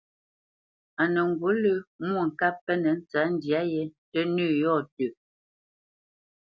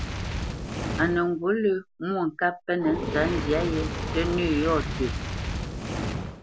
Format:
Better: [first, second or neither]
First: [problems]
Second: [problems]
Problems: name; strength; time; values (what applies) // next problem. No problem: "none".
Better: first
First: none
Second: background sound (Fire); 4 dB below the speech